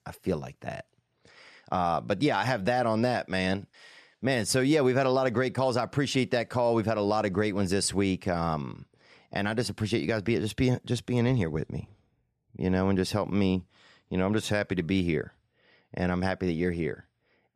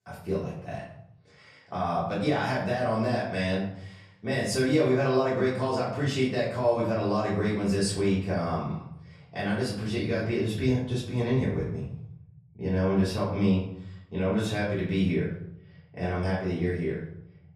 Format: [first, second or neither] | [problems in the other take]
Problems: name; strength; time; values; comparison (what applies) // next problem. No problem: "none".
first | off-mic speech; far // room echo; noticeable; dies away in 0.7 s